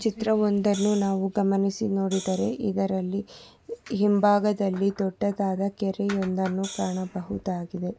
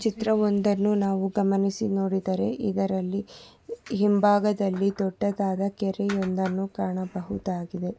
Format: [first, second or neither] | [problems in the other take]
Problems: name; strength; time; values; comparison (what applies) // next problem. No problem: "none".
second | background sound (Hi-hat); 17 dB below the speech